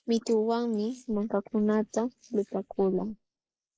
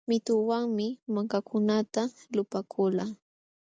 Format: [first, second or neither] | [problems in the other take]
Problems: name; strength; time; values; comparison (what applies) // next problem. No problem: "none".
second | noise reduction (neural mask model Resemble Enhance denoiser)